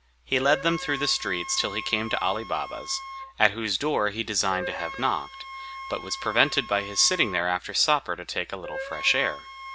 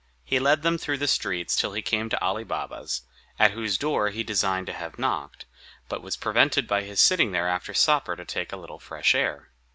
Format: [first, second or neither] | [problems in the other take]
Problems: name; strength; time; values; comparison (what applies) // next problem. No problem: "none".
second | background sound (Wind instrument, woodwind instrument); 11 dB below the speech